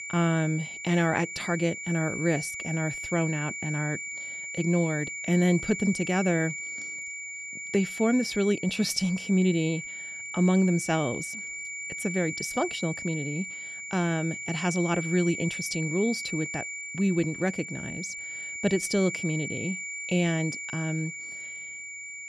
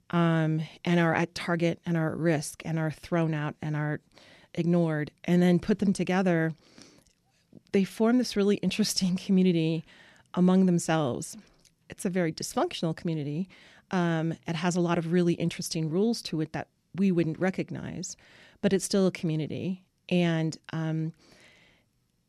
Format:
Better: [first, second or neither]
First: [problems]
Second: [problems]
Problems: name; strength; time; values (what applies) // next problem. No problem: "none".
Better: second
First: high-pitched whine; loud; throughout; 2.5 kHz, 6 dB below the speech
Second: none